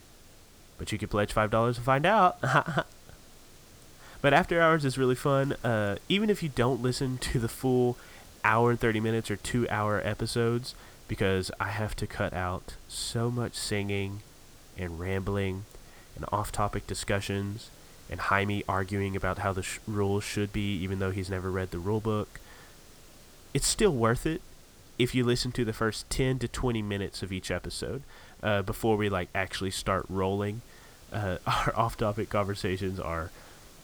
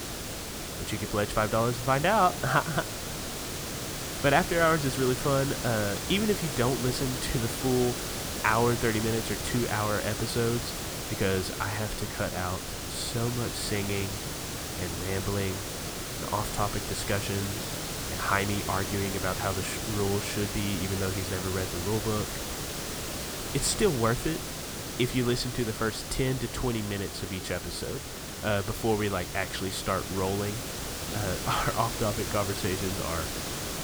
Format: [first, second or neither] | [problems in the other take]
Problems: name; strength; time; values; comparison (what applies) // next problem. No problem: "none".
first | hiss; loud; throughout; 4 dB below the speech; faint in the first